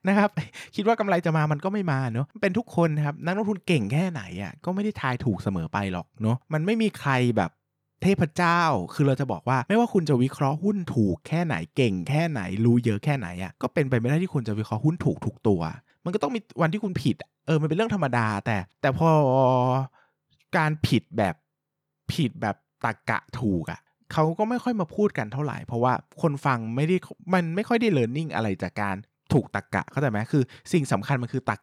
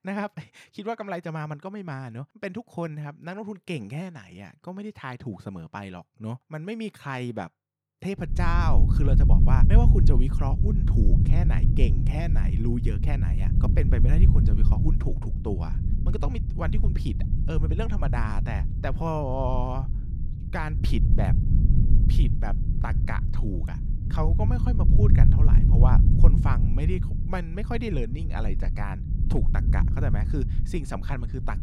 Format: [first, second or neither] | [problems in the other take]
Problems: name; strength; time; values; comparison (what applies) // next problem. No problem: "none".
first | low rumble; loud; from 8.5 s on; 4 dB below the speech